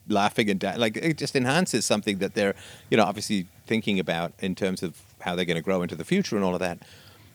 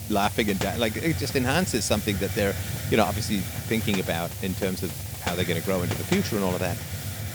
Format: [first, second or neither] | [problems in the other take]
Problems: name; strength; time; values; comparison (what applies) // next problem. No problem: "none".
first | hiss; loud; throughout; 5 dB below the speech; faint in the first